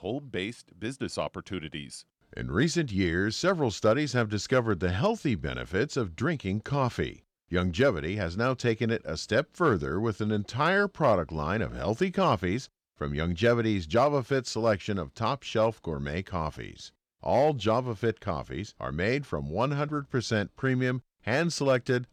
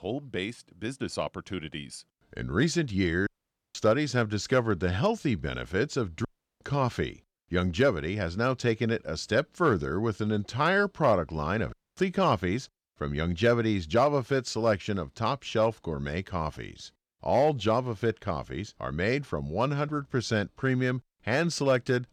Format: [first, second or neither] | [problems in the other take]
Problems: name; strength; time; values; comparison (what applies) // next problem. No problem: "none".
first | audio cutting out; at 3.5 s, at 6.5 s and at 12 s